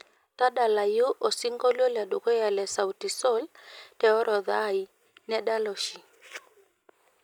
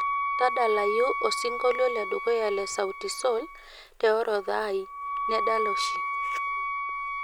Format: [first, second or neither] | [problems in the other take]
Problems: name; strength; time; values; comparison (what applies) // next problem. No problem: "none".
first | background sound (Wind instrument, woodwind instrument); 3 dB below the speech